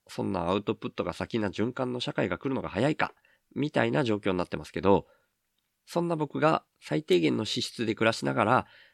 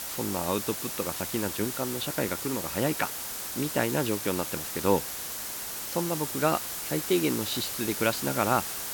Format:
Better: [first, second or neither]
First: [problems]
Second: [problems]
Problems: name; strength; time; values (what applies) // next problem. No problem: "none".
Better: first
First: none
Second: hiss; loud; throughout; 2 dB below the speech